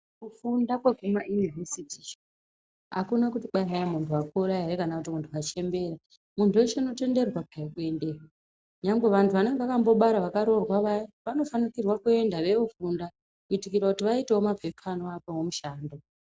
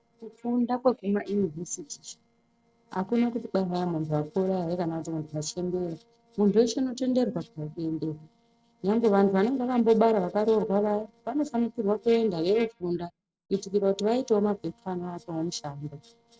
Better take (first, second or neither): first